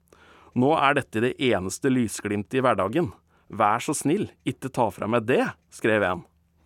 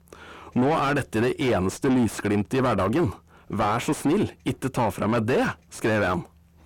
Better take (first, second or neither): first